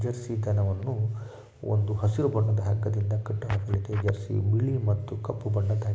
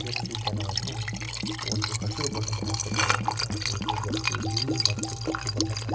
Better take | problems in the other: first | background sound (Liquid); 4 dB above the speech

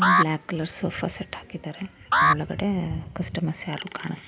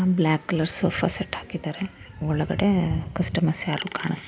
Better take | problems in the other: second | background sound (Alarm); 3 dB above the speech

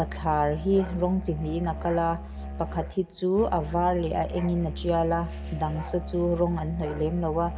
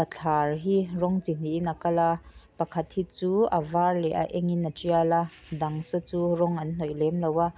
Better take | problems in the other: second | background sound (Musical instrument); 9 dB below the speech // room echo; dies away in 1.9 s

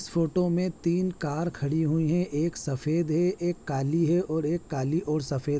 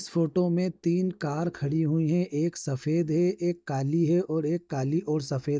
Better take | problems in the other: first | noise reduction (neural mask model DeepFilterNet 3)

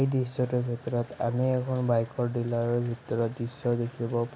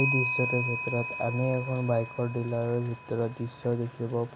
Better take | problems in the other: first | background sound (Clock); 6 dB below the speech

